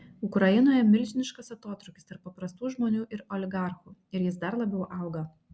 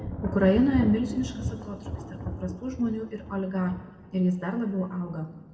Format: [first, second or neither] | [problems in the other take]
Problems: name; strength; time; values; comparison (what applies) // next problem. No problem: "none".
first | background sound (Thunder); 9 dB below the speech // room echo; dies away in 1.5 s